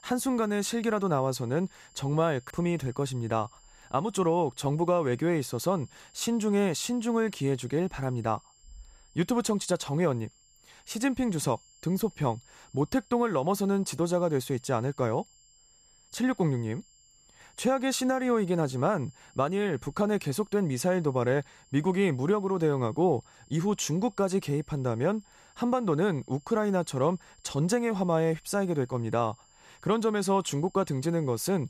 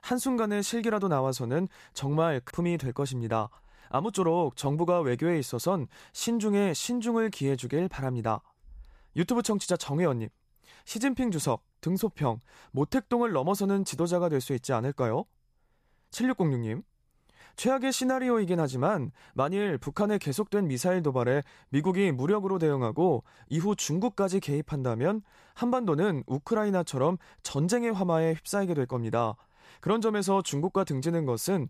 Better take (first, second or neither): second